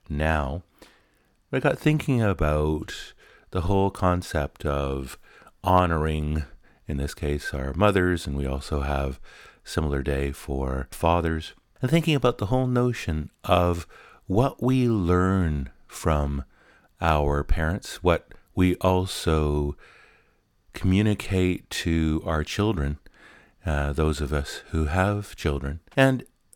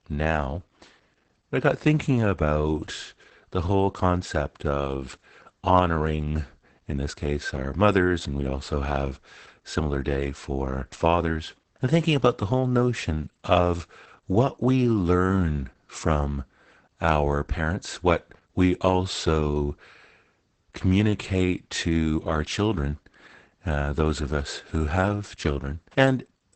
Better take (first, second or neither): first